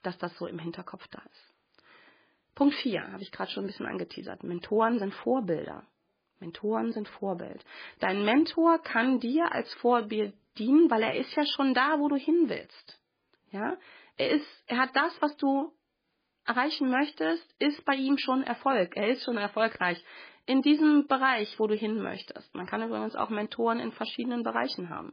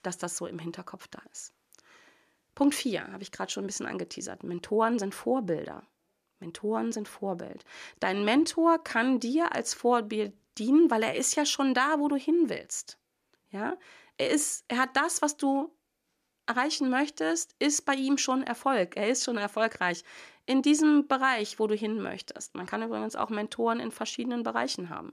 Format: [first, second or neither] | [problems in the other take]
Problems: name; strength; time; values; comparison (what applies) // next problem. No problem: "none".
second | garbled, watery; badly